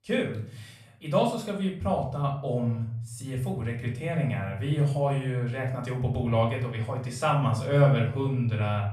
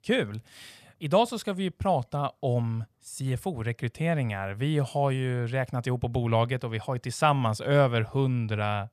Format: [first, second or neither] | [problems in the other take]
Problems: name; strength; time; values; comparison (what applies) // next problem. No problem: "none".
second | off-mic speech; far // room echo; slight; dies away in 0.6 s